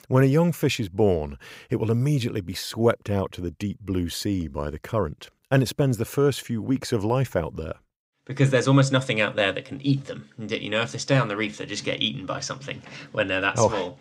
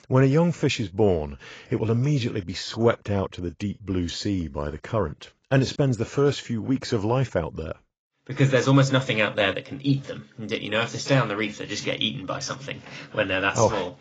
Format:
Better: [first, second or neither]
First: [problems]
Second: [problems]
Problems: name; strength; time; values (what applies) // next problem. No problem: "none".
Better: first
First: none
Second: garbled, watery; badly; nothing above 7.5 kHz